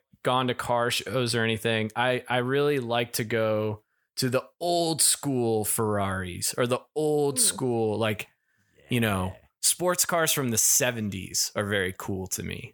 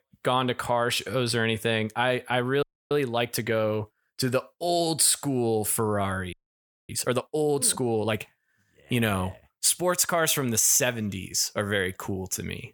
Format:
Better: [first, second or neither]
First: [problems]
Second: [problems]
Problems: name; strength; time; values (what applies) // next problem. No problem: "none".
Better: first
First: none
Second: audio freezing; at 2.5 s and at 6.5 s for 0.5 s